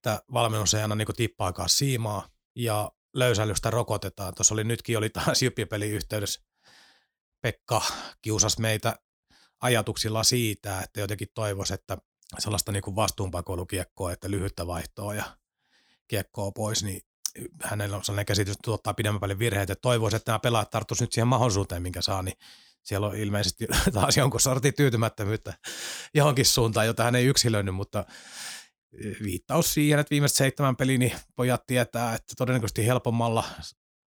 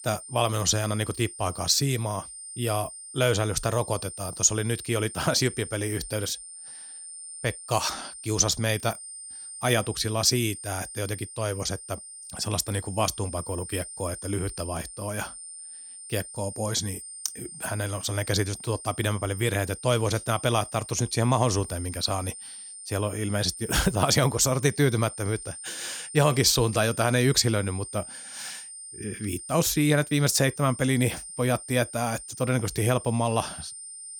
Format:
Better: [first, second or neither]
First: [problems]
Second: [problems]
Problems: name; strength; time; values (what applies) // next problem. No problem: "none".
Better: first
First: none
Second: high-pitched whine; noticeable; throughout; 9 kHz, 10 dB below the speech